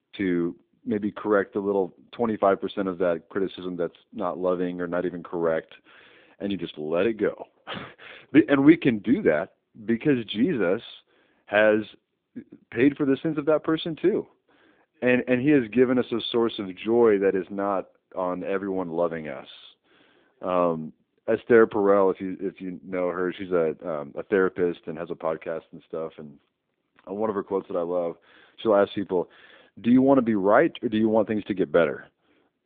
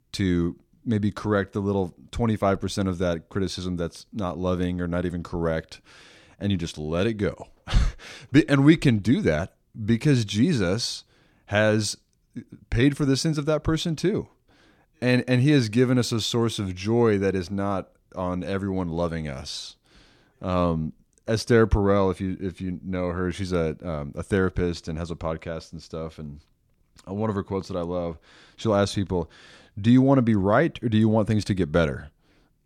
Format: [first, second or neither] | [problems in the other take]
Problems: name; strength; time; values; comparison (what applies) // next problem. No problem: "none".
second | phone-call audio; nothing above 3.5 kHz